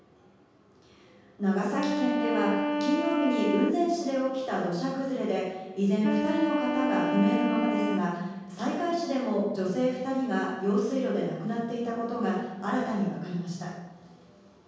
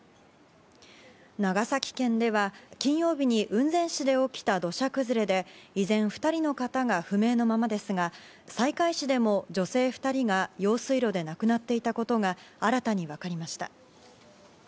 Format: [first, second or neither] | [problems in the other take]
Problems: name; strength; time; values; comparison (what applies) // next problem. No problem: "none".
second | background sound (Wind instrument, woodwind instrument); 2 dB below the speech // room echo; dies away in 1.3 s